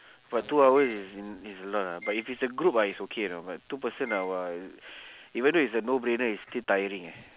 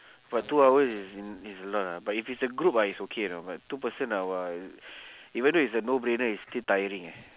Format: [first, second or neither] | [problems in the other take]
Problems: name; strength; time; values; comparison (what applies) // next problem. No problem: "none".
second | background sound (Bowed string instrument); 17 dB below the speech